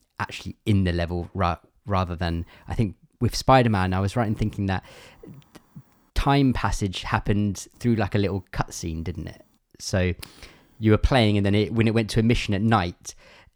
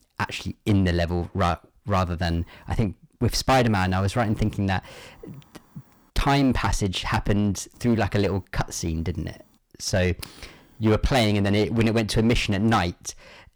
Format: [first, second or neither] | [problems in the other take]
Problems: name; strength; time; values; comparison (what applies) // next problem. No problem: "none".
first | distortion; heavy; 10% of the sound clipped